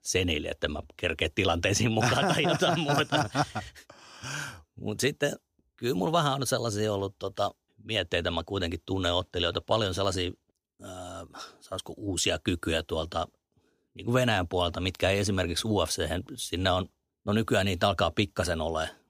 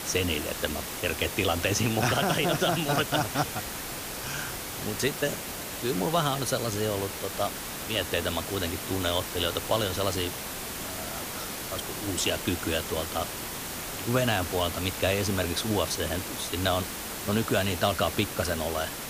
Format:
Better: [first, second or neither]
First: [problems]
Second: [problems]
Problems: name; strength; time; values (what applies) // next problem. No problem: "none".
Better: first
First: none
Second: hiss; loud; throughout; 5 dB below the speech